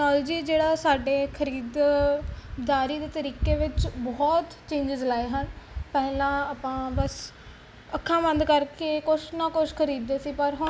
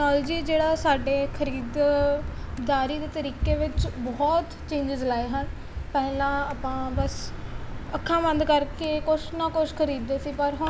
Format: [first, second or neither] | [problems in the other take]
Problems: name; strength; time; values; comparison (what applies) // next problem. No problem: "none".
first | background sound (Car); 9 dB below the speech